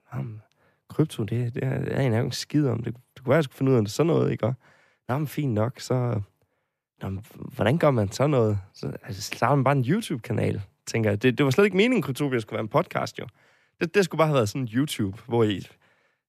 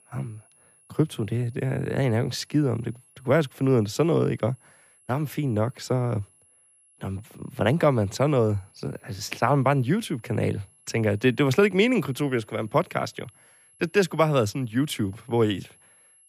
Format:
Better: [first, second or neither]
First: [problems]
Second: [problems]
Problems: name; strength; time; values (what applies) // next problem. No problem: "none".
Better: first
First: none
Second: high-pitched whine; faint; throughout; 11 kHz, 30 dB below the speech